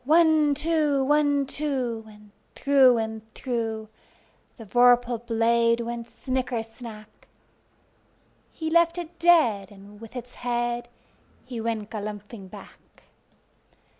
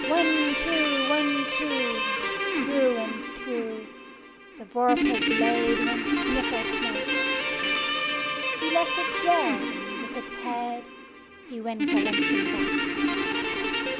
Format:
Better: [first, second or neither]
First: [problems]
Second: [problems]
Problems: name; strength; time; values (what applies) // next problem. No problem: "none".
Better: first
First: none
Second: background sound (Guitar); 3 dB above the speech